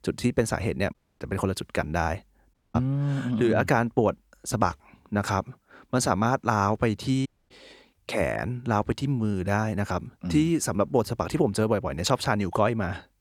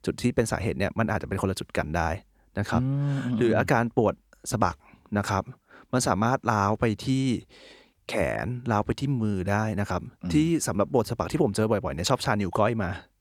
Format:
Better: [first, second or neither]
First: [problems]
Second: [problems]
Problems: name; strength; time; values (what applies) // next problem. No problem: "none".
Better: second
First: audio cutting out; at 1 s, at 2.5 s and at 7.5 s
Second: none